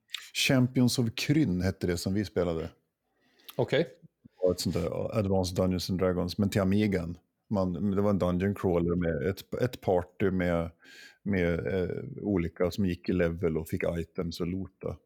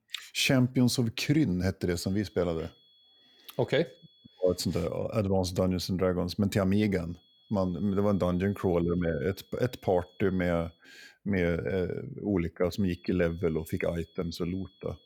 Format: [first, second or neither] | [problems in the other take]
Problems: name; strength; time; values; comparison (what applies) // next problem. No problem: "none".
first | high-pitched whine; faint; from 2 to 5 s, from 7 to 11 s and from 13 s on; 3.5 kHz, 30 dB below the speech